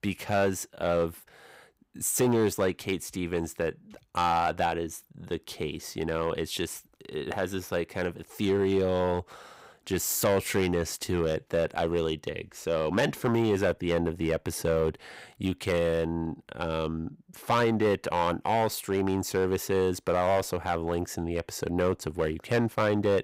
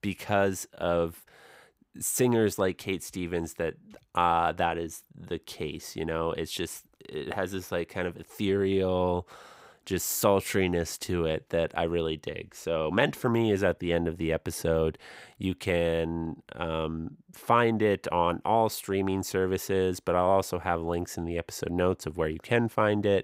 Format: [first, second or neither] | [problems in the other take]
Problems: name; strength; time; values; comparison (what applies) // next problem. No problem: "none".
second | distortion; slight; 3% of the sound clipped